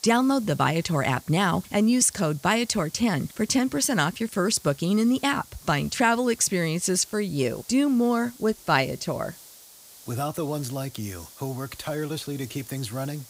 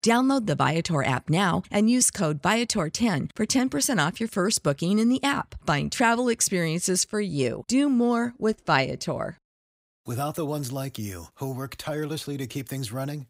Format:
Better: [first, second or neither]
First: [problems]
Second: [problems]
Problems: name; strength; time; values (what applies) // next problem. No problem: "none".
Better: second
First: hiss; faint; throughout; 20 dB below the speech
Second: none